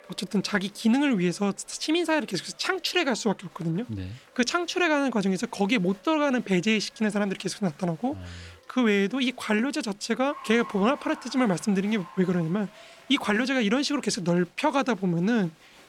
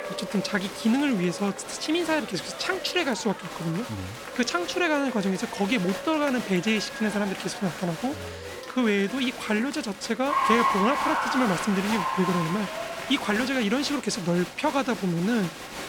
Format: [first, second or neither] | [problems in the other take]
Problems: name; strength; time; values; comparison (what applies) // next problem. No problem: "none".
first | crowd noise; loud; throughout; 6 dB below the speech; faint in the first